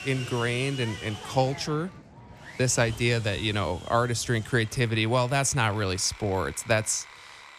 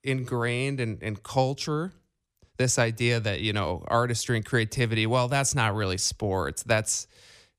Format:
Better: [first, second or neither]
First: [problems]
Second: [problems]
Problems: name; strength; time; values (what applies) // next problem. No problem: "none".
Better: second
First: machinery noise; noticeable; throughout; 15 dB below the speech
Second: none